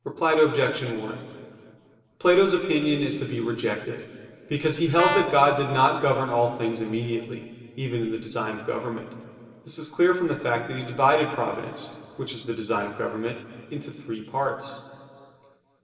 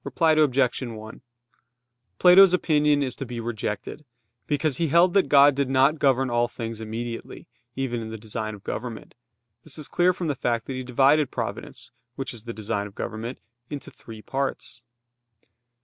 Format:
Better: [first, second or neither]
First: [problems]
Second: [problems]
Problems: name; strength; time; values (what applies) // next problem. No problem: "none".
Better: second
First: background sound (Brass instrument); 3 dB below the speech // room echo; dies away in 2.7 s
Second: none